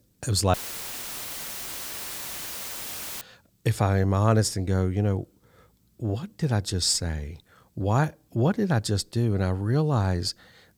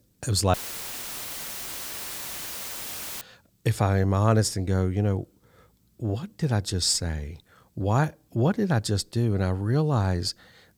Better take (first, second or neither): neither